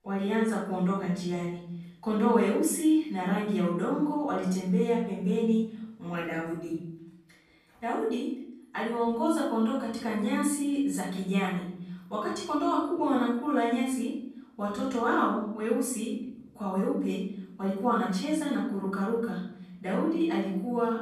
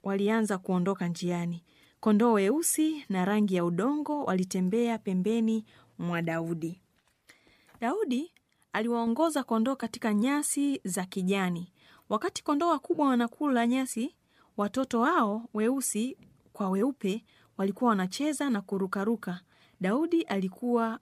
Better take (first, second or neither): second